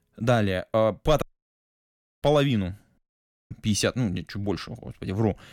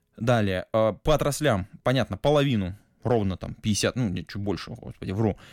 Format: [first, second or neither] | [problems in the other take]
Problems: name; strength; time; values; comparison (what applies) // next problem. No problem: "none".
second | audio cutting out; at 1 s for 1 s and at 3 s for 0.5 s